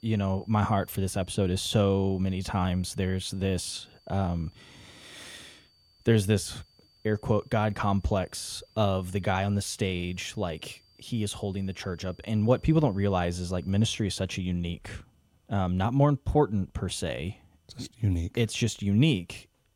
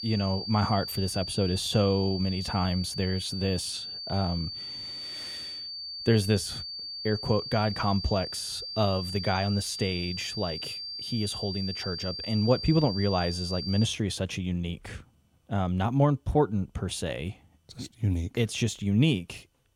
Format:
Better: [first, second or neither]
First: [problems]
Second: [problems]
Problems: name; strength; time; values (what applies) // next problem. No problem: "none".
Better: first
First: high-pitched whine; faint; until 14 s; 4.5 kHz, 35 dB below the speech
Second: high-pitched whine; loud; until 14 s; 4.5 kHz, 6 dB below the speech